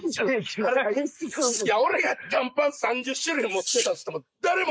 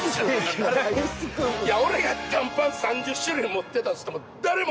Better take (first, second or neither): second